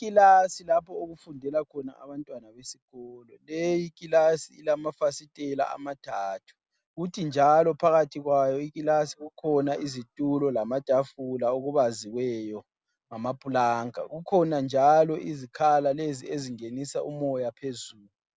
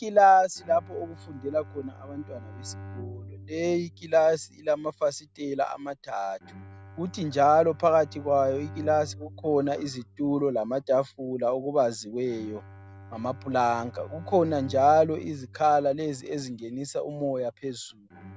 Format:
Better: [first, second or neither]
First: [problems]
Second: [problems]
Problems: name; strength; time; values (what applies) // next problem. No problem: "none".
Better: first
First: none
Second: background sound (Bowed string instrument); 19 dB below the speech